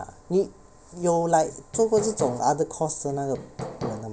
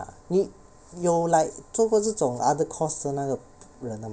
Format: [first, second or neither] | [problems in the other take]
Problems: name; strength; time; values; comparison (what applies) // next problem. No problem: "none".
second | background sound (Hammer); 10 dB below the speech